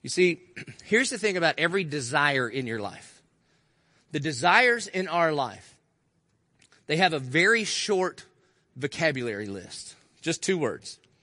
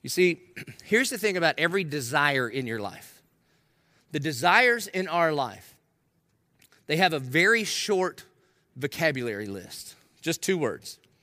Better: second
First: garbled, watery; slightly; nothing above 10.5 kHz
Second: none

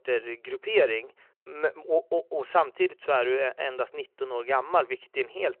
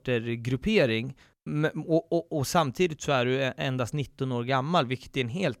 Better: second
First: phone-call audio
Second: none

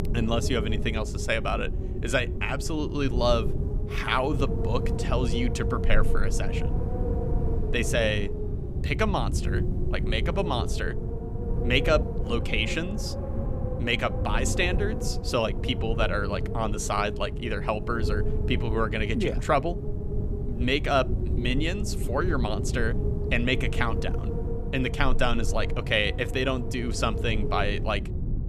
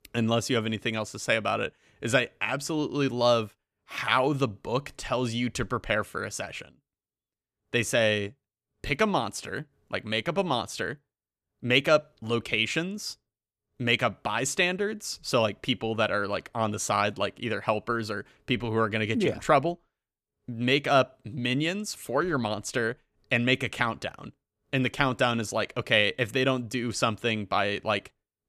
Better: second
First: wind noise on the microphone; heavy; 10 dB below the speech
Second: none

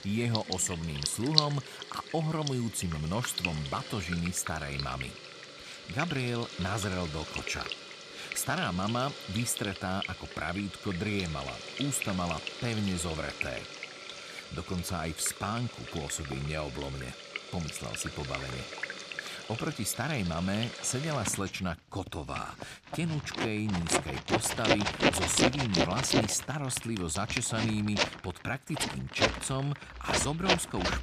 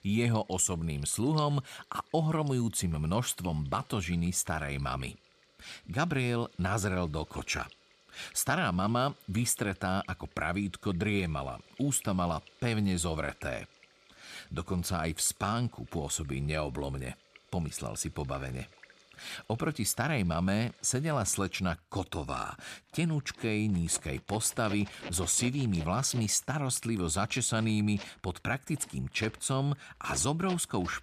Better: second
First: household noises; loud; throughout; 2 dB below the speech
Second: household noises; faint; throughout; 20 dB below the speech

